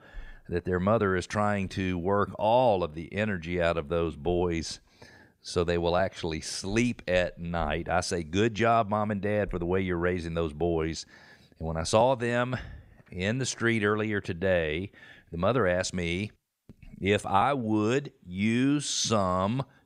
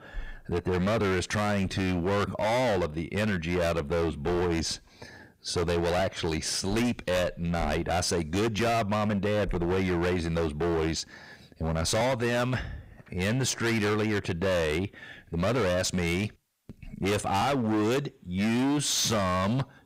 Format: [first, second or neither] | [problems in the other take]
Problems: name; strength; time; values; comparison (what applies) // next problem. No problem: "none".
first | distortion; heavy; 26% of the sound clipped